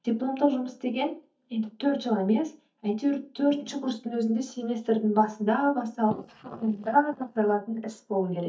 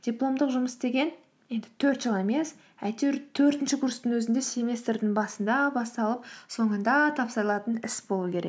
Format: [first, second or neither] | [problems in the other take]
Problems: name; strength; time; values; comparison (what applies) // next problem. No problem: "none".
second | noise reduction (neural mask model DeepFilterNet 3)